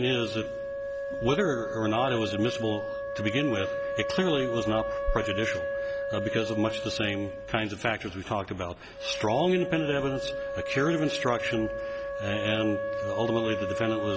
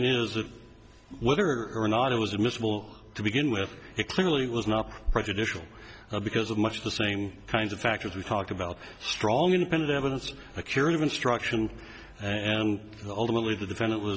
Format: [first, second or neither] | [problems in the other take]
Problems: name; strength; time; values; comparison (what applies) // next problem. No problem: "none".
second | background sound (Wind instrument, woodwind instrument); 4 dB below the speech